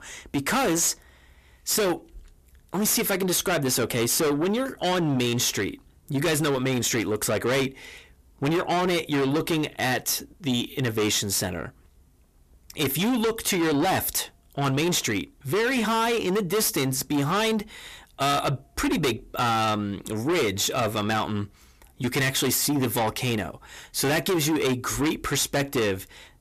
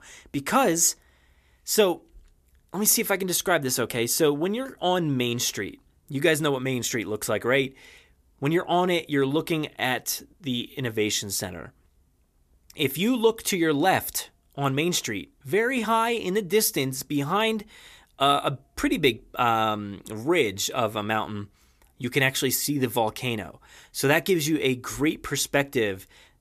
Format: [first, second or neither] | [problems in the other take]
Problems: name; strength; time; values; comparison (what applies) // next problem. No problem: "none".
second | distortion; heavy; 6 dB below the speech